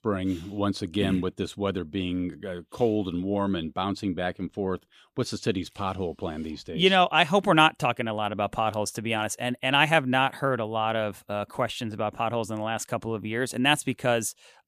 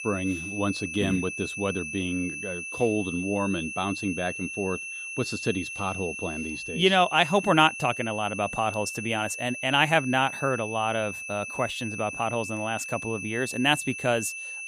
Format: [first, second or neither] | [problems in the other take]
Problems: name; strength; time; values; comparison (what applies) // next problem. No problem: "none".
first | high-pitched whine; loud; throughout; 2.5 kHz, 7 dB below the speech